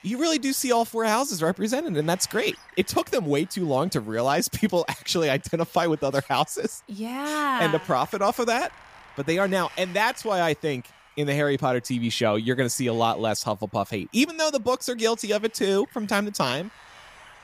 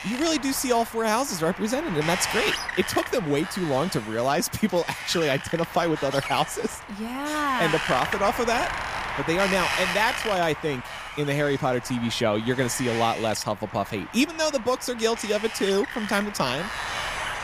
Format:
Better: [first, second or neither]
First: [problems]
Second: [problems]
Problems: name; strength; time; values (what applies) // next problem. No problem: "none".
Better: first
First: wind noise on the microphone; occasional gusts; 25 dB below the speech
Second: wind noise on the microphone; heavy; 5 dB below the speech